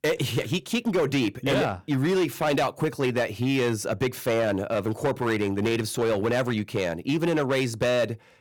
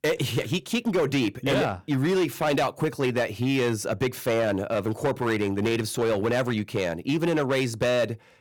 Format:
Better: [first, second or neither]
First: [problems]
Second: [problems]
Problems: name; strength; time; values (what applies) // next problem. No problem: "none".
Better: neither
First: distortion; slight; 12% of the sound clipped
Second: distortion; slight; 12% of the sound clipped